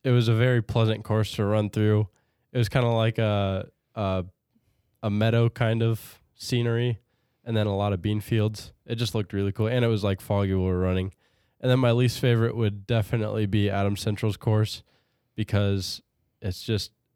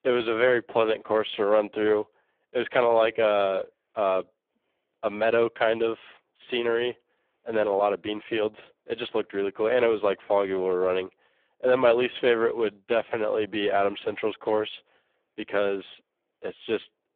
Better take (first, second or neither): first